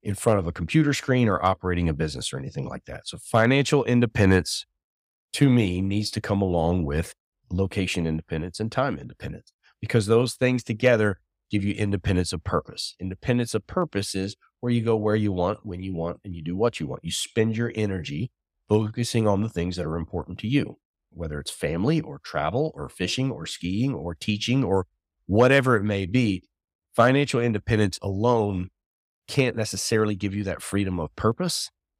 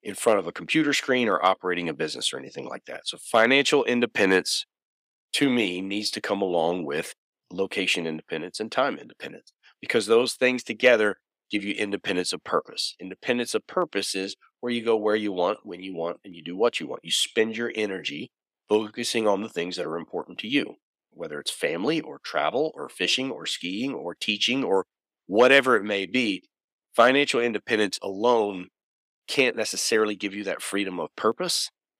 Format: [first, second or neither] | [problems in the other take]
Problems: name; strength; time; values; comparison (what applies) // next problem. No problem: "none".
first | thin; somewhat; fading below 300 Hz